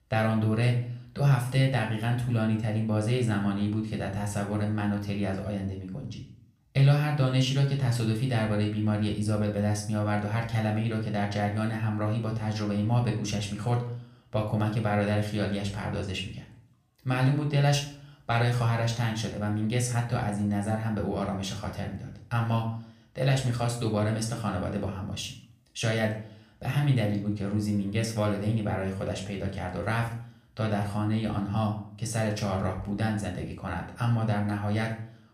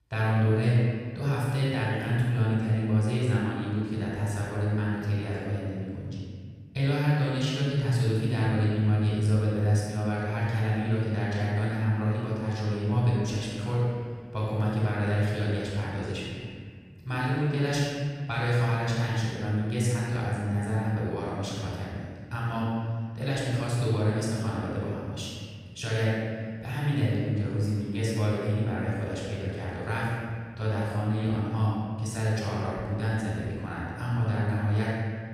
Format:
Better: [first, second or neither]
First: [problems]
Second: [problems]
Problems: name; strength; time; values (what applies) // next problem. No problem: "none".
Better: first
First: room echo; slight; dies away in 0.5 s // off-mic speech; somewhat distant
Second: room echo; strong; dies away in 2 s // off-mic speech; far